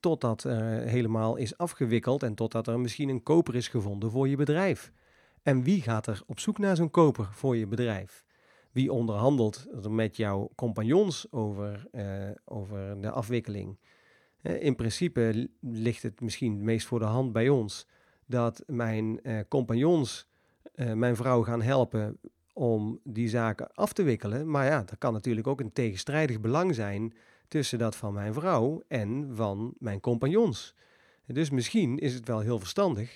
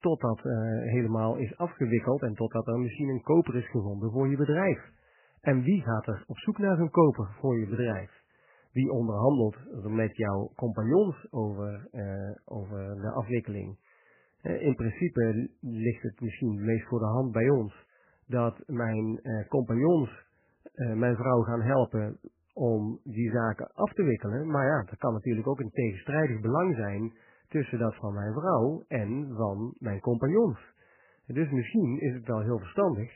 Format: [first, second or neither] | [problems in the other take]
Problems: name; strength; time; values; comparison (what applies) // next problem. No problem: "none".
first | garbled, watery; badly; nothing above 3 kHz